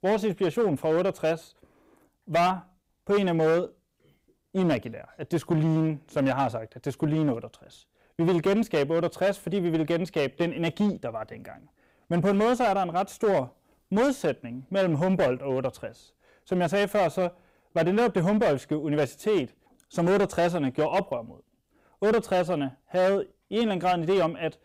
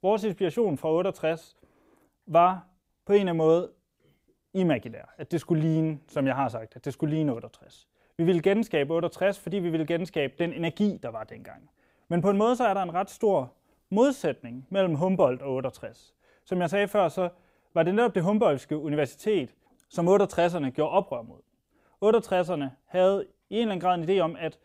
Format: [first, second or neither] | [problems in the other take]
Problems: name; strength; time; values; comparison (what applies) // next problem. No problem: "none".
second | distortion; slight; 9% of the sound clipped